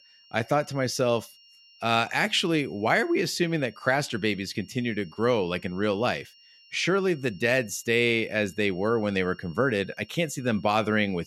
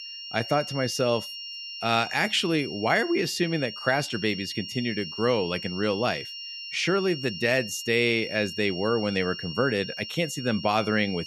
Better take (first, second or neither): first